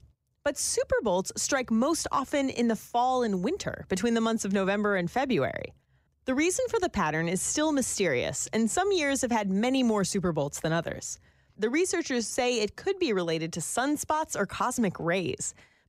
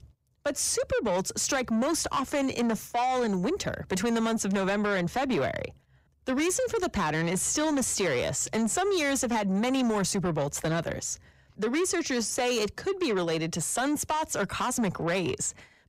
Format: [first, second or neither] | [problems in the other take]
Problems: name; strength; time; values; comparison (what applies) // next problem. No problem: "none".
first | distortion; slight; 10 dB below the speech